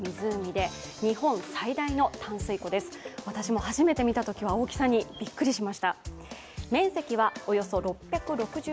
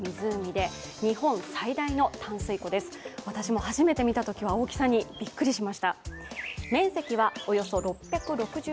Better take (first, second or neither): first